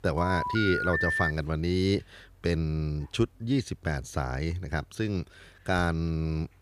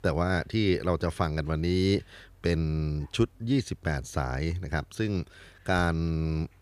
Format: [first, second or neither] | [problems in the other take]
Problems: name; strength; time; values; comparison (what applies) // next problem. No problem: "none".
second | phone ringing; loud; until 1.5 s; peak 3 dB above the speech